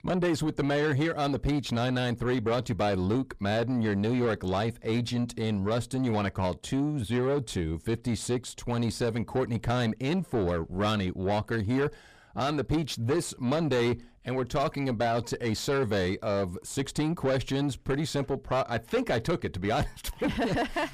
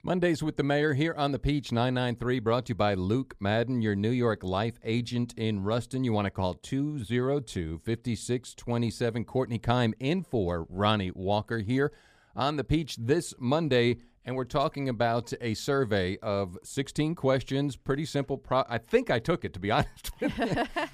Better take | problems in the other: second | distortion; heavy; 7 dB below the speech

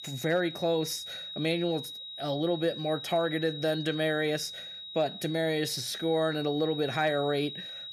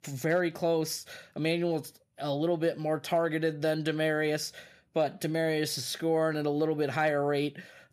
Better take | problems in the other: second | high-pitched whine; loud; throughout; 4 kHz, 9 dB below the speech

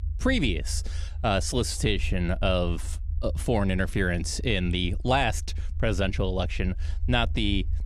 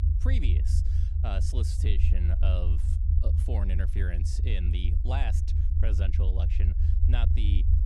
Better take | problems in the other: first | low rumble; loud; throughout; 3 dB below the speech; faint in the first

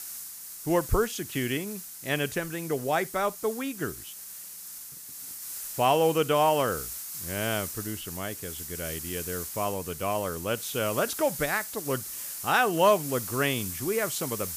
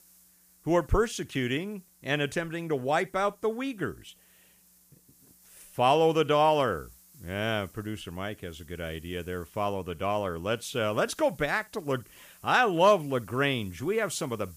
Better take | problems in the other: second | hiss; loud; throughout; 8 dB below the speech; faint in the second

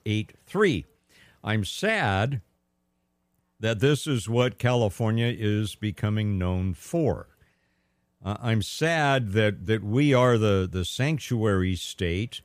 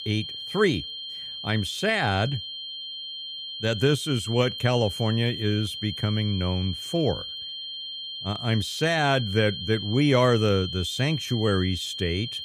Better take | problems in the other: first | high-pitched whine; loud; throughout; 3 kHz, 7 dB below the speech

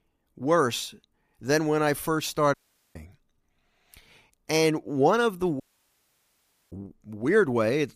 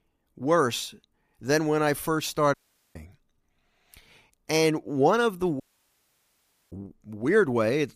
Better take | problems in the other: neither | audio cutting out; at 2.5 s and at 5.5 s for 1 s; the same in both

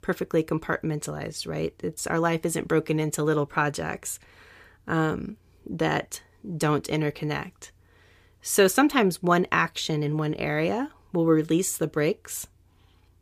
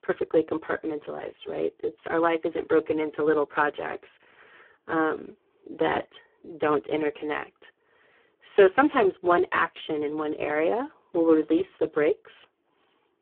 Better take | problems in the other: first | phone-call audio; poor line

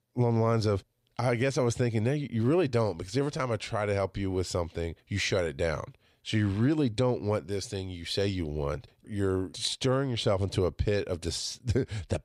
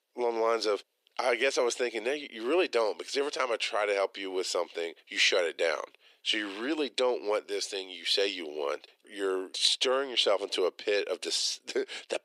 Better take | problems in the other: first | thin; very; fading below 350 Hz

